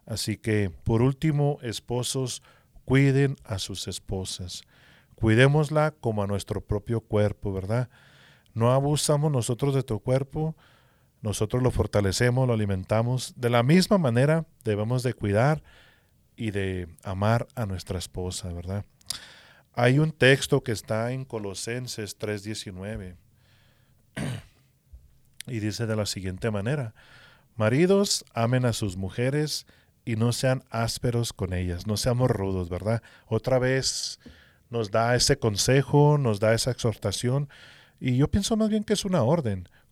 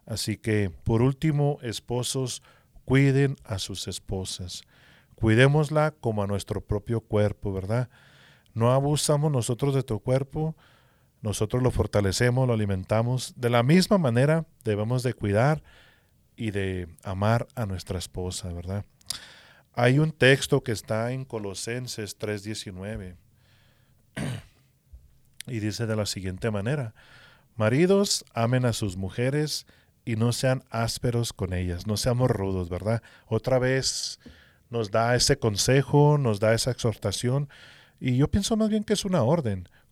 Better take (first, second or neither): neither